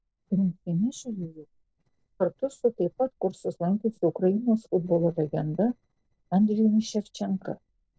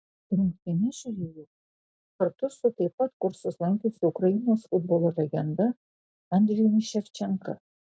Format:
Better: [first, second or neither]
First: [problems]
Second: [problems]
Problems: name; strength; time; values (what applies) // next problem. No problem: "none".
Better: second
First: noise reduction (neural separator model SepFormer DNS4)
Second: none